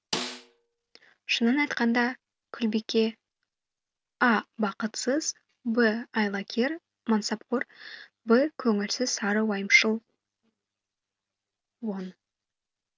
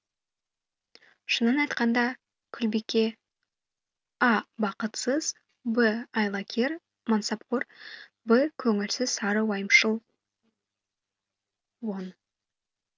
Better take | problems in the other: second | background sound (Snare drum); 8 dB below the speech

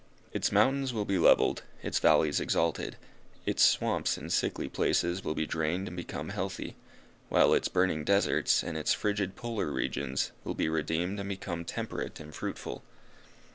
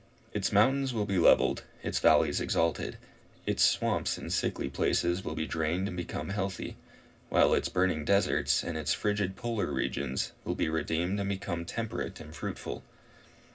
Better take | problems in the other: first | room echo; dies away in 0.4 s

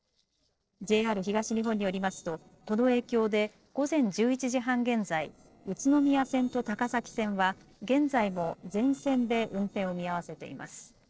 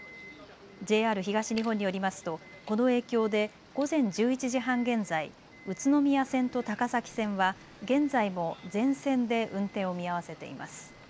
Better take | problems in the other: second | noise reduction (neural separator model SepFormer DNS4)

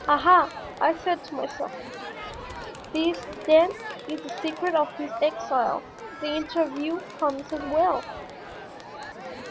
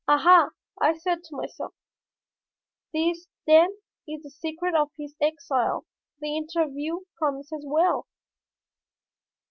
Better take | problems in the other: second | background sound (Crowd); 12 dB below the speech

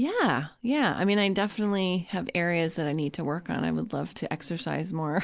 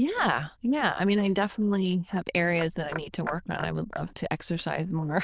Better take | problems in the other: first | noise reduction (neural diffusion model UNIVERSE++)

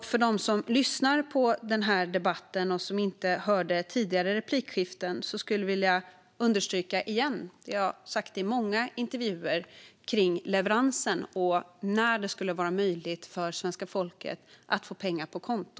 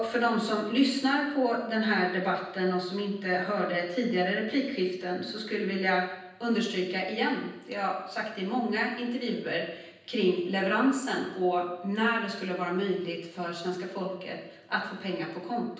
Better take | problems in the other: first | room echo; dies away in 0.9 s

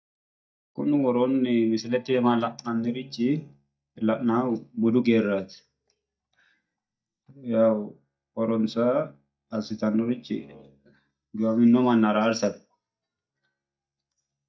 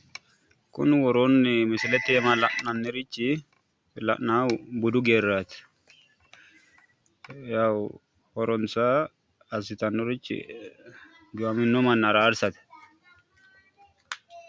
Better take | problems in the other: second | noise reduction (neural mask model DeepFilterNet 3)

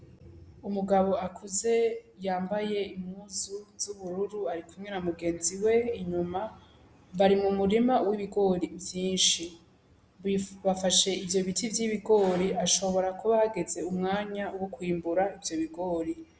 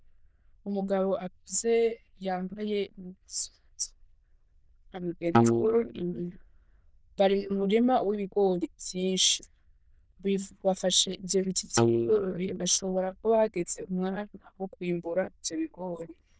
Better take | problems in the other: first | noise reduction (neural diffusion model UNIVERSE++)

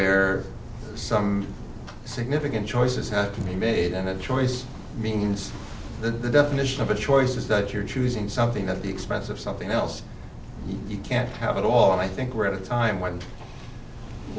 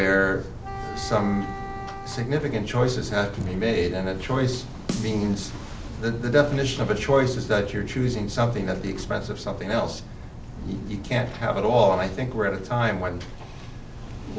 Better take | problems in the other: first | background sound (Snare drum + Wind instrument, woodwind instrument); 12 dB below the speech

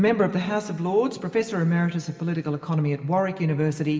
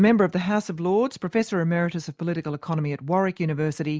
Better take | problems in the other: second | room echo; dies away in 1.9 s

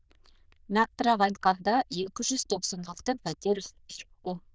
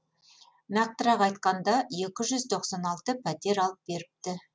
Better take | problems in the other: second | noise reduction (neural diffusion model UNIVERSE++)

